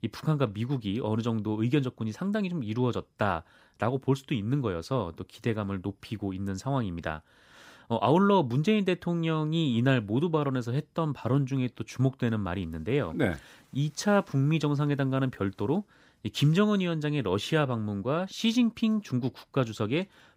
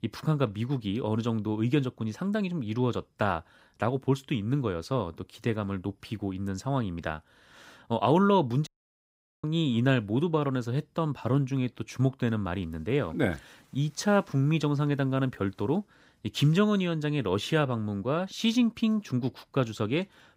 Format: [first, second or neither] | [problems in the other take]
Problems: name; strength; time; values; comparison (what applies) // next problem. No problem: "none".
first | audio cutting out; at 8.5 s for 1 s